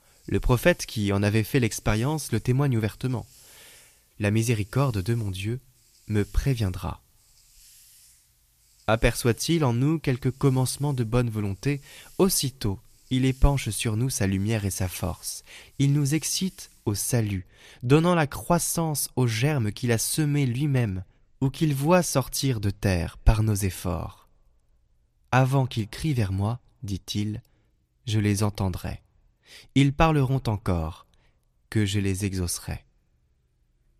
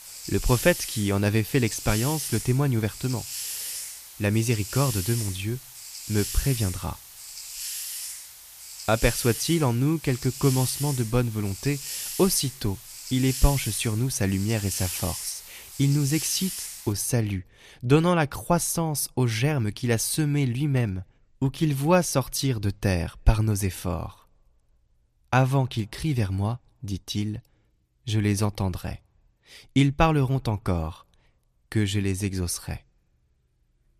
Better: first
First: hiss; faint; until 17 s; 25 dB below the speech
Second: hiss; loud; until 17 s; 8 dB below the speech

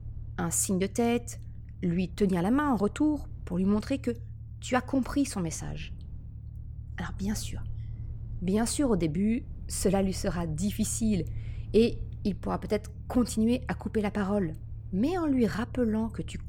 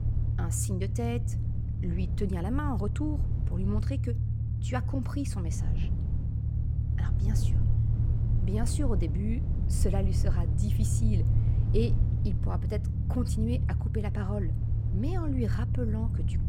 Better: first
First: low rumble; faint; throughout; 25 dB below the speech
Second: low rumble; loud; throughout; 5 dB below the speech

